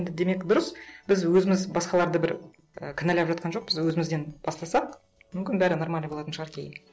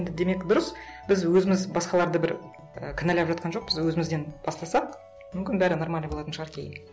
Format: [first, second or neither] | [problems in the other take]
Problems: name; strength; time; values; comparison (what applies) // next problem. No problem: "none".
second | noise reduction (neural separator model SepFormer DNS4)